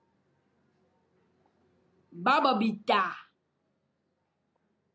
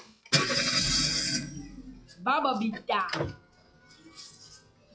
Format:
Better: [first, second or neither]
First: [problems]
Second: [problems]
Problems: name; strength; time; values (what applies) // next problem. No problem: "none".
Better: first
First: none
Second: noise reduction (classical method log-MMSE)